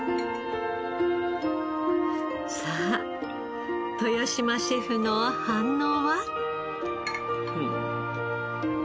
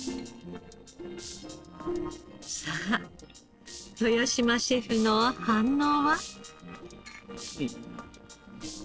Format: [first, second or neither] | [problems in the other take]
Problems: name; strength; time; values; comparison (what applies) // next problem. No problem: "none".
first | noise reduction (neural separator model SepFormer DNS4)